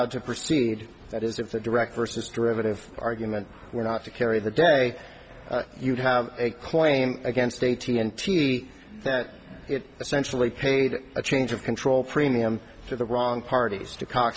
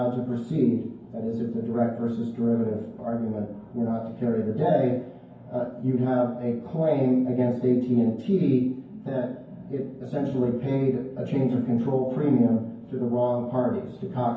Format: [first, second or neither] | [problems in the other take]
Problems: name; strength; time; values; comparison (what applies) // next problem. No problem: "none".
first | room echo; dies away in 0.9 s